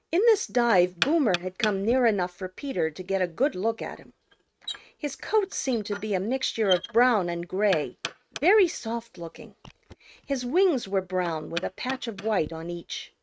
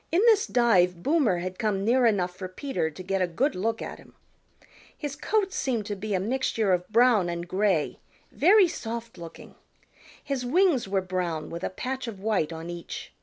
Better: second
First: noise reduction (neural mask model RNNoise)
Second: none

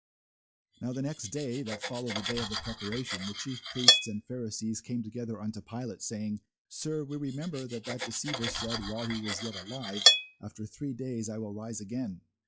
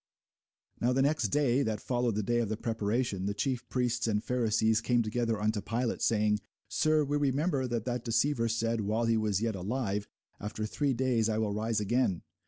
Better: second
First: noise reduction (classical method log-MMSE)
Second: none

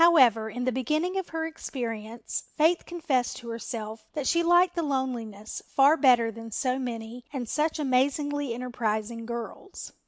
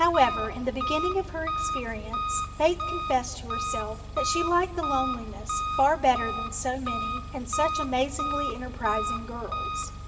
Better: first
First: none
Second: background sound (Engine); 3 dB below the speech // room echo; dies away in 2.8 s

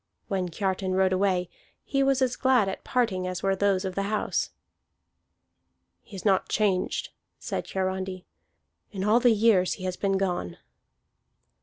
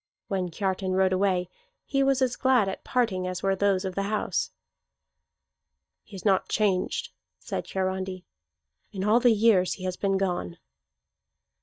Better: first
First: none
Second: noise reduction (neural mask model DeepFilterNet 3)

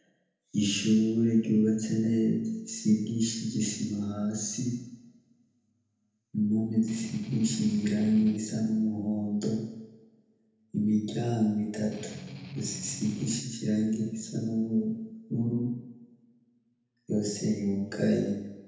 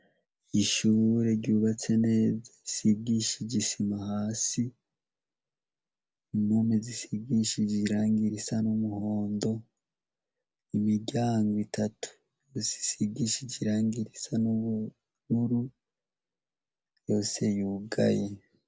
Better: second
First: background sound (Strum); 13 dB below the speech // room echo; dies away in 0.9 s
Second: none

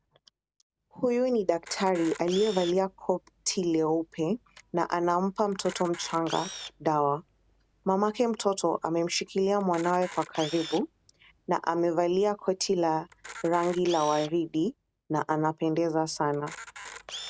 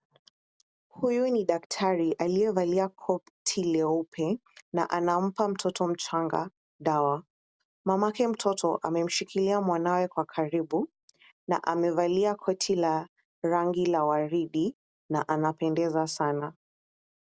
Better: second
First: background sound (Camera); 18 dB below the speech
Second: none

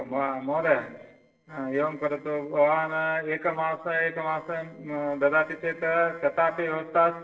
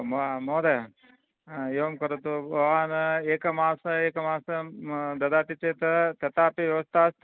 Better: second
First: noise reduction (neural separator model SepFormer DNS4)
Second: none

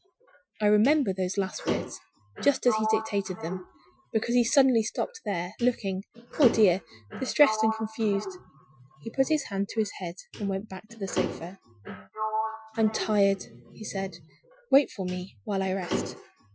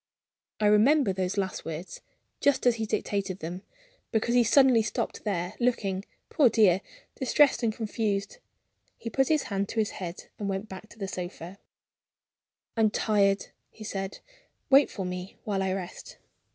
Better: second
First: noise reduction (classical method Wiener filter)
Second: none

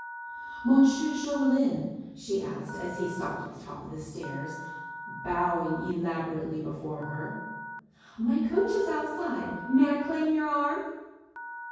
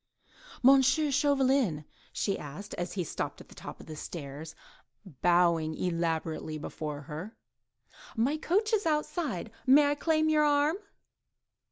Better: second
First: background sound (Telephone); 13 dB below the speech // room echo; dies away in 1.3 s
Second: none

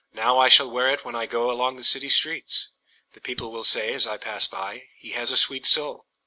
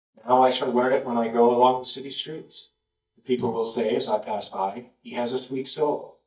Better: first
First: none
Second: noise reduction (neural mask model DeepFilterNet 3)

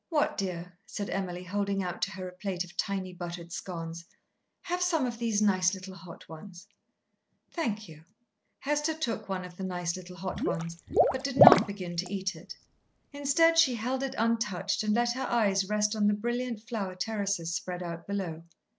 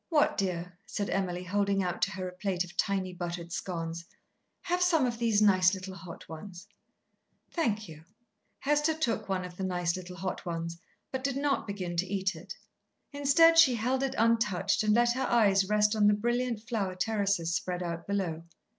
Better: second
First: background sound (Water / Liquid); 4 dB above the speech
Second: none

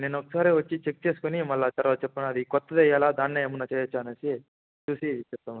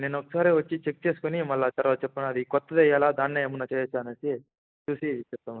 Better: first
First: none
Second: noise reduction (neural mask model Resemble Enhance denoiser)

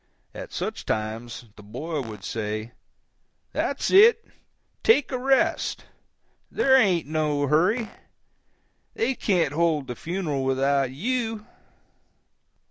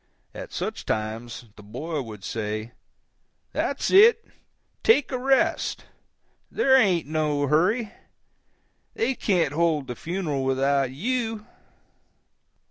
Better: second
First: background sound (Fart); 16 dB below the speech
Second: none

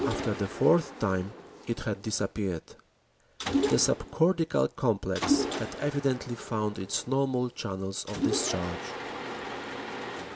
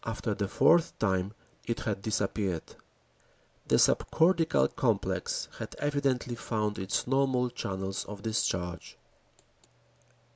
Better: second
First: background sound (Mechanisms); 5 dB below the speech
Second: none

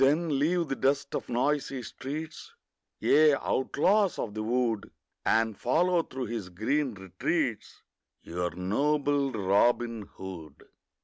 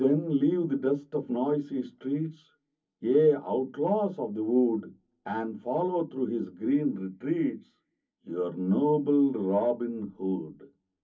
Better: first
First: none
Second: room echo; dies away in 0.3 s

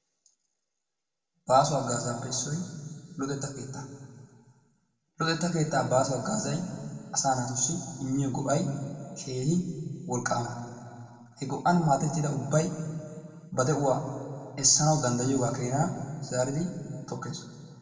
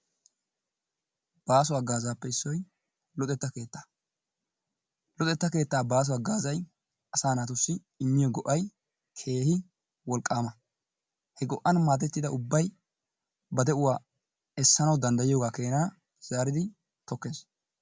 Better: second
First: room echo; dies away in 2 s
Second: none

